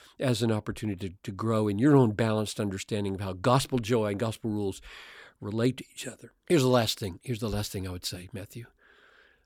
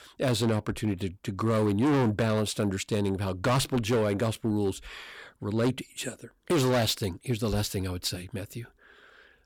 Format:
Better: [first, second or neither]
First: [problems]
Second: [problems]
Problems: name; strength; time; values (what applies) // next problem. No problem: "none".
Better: first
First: none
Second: distortion; heavy; 10% of the sound clipped